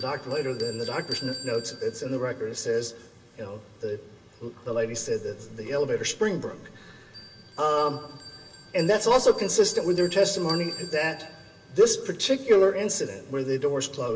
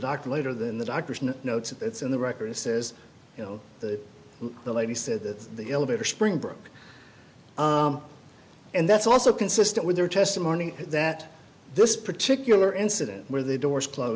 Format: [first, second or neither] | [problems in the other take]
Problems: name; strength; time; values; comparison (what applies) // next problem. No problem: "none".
second | background sound (Bell); 17 dB below the speech // room echo; dies away in 2.9 s